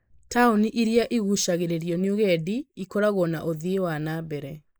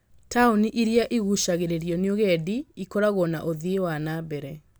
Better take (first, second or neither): second